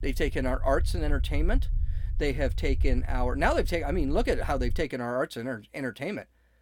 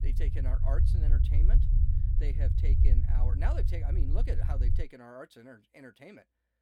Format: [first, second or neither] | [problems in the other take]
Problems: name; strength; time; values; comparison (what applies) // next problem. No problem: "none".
first | low rumble; loud; until 5 s; 2 dB below the speech; faint in the first